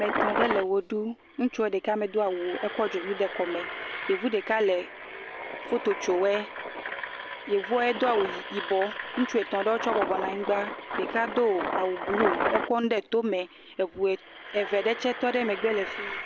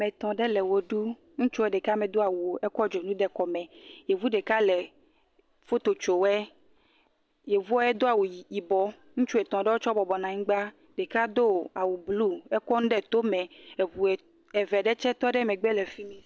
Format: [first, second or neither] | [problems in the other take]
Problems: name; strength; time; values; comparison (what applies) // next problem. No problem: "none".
second | background sound (Engine); 6 dB below the speech